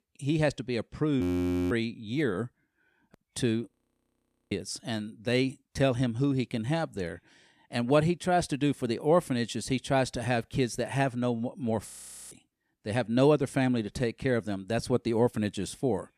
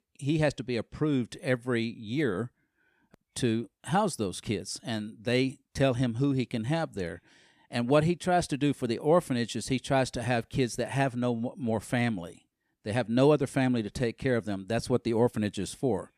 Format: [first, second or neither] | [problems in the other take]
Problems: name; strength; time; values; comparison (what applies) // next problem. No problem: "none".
second | audio freezing; at 1 s for 0.5 s, at 3.5 s for 1 s and at 12 s